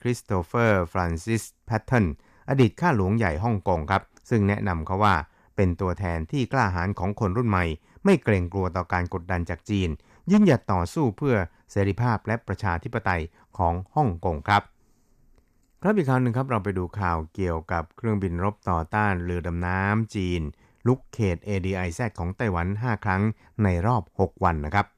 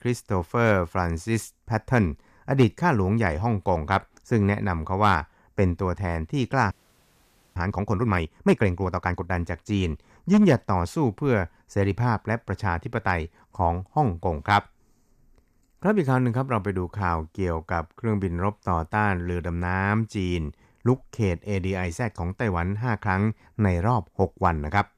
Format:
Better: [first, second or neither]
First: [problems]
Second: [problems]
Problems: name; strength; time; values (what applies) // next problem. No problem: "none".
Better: first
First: none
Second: audio freezing; at 6.5 s for 1 s